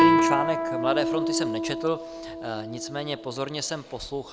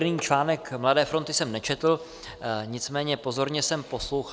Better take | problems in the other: second | background sound (Guitar); 4 dB above the speech

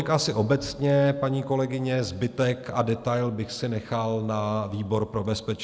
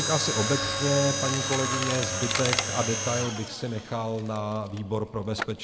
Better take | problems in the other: first | background sound (Mechanisms); 2 dB below the speech

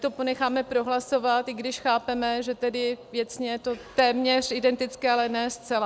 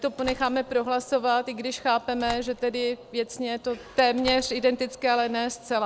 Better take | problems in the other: first | background sound (Slam); 19 dB below the speech

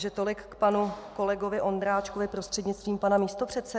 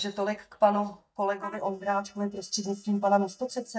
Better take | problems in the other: first | noise reduction (neural mask model DeepFilterNet 3)

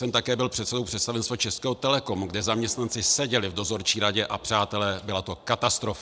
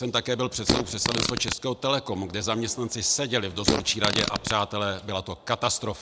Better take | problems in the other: first | background sound (Fart); as loud as the speech

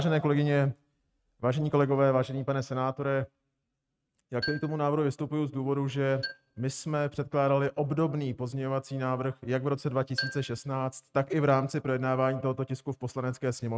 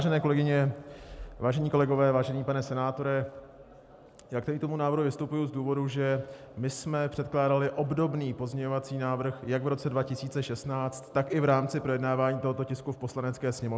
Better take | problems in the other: second | noise reduction (neural mask model RNNoise)

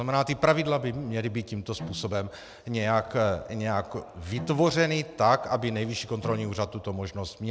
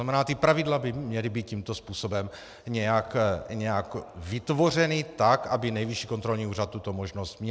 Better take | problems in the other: second | background sound (Bowed string instrument); 16 dB below the speech

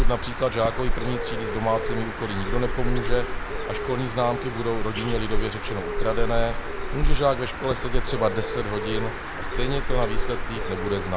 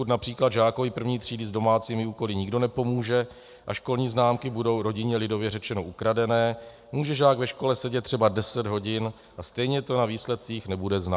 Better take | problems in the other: second | background sound (Bird); 3 dB above the speech

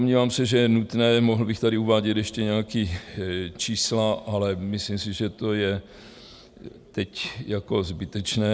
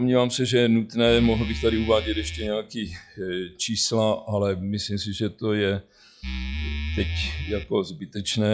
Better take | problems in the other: first | noise reduction (classical method log-MMSE)

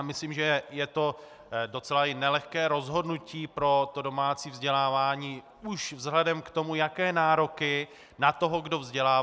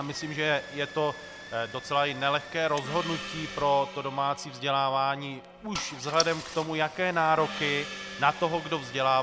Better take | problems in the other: first | background sound (Engine starting / Car + Gong); 12 dB below the speech

